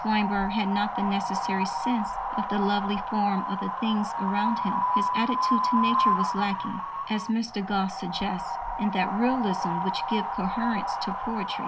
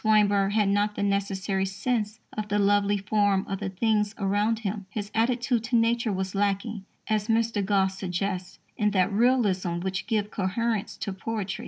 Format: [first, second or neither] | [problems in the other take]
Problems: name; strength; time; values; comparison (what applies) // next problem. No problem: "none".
second | background sound (Wind); as loud as the speech